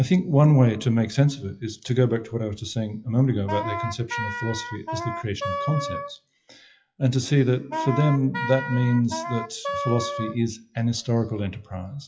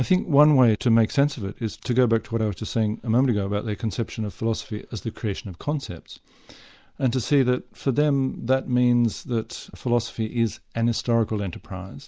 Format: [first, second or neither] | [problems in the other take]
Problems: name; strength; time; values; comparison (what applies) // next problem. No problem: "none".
second | noise reduction (classical method WPE with log-MMSE)